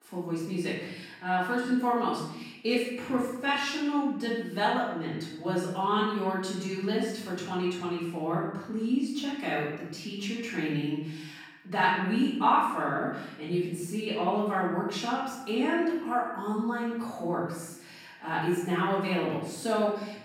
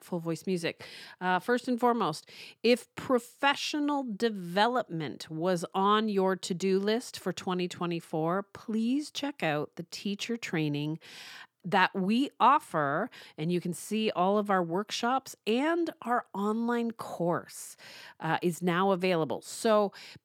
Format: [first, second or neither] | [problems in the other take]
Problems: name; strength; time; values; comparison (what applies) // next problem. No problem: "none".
second | room echo; noticeable; dies away in 0.8 s // off-mic speech; far